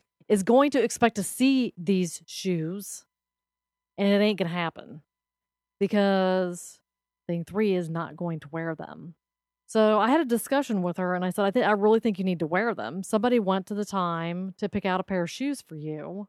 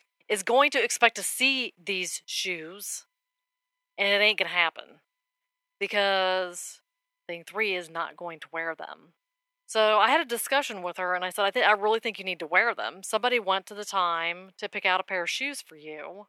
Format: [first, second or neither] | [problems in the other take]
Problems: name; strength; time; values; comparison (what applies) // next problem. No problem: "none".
first | thin; very; fading below 700 Hz